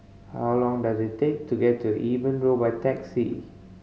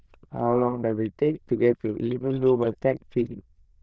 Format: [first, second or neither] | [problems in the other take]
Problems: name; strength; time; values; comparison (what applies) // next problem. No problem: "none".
first | noise reduction (neural diffusion model UNIVERSE++)